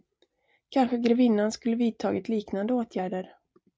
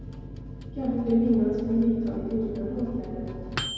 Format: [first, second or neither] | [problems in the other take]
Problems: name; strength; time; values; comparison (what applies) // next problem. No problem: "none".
first | background sound (Microwave oven); 9 dB below the speech // room echo; dies away in 2.2 s